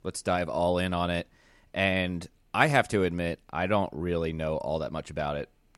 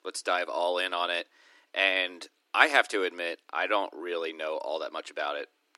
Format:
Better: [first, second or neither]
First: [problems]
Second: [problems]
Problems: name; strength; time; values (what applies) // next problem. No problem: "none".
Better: first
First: none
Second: thin; very; fading below 300 Hz